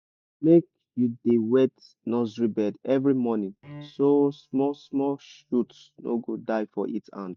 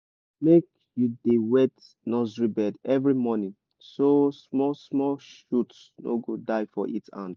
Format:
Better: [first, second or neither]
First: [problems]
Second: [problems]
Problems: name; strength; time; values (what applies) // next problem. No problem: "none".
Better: second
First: noise reduction (neural mask model DeepFilterNet 3)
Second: none